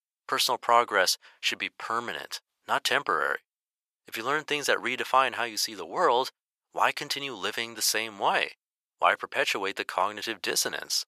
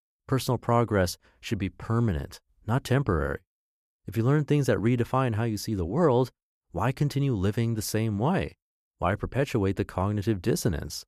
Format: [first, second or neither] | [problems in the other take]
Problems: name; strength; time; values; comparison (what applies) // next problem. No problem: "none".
second | thin; very; fading below 850 Hz